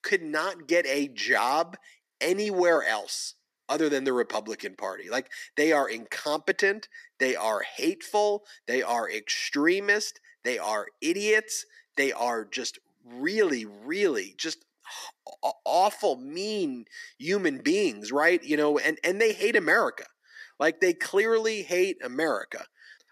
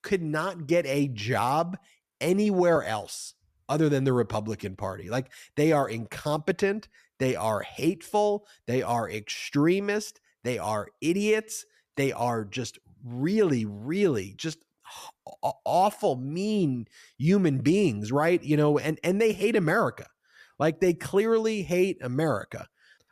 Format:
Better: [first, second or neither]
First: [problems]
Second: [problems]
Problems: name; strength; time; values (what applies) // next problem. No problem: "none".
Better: second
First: thin; somewhat; fading below 300 Hz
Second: none